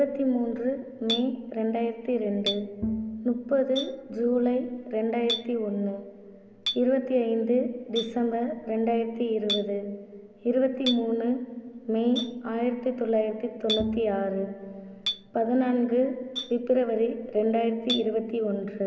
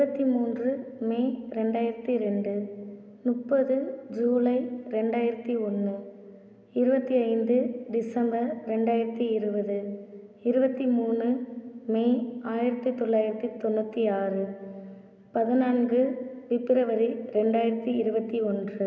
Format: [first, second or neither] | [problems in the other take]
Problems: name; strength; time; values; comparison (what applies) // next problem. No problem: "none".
second | background sound (Bowed string instrument + Chink, clink); 11 dB below the speech